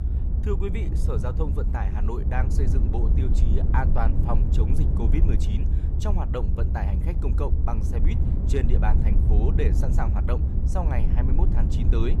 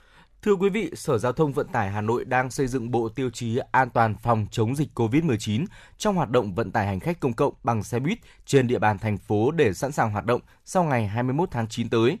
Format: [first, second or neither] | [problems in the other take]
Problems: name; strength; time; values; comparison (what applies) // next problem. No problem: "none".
second | low rumble; loud; throughout; 4 dB below the speech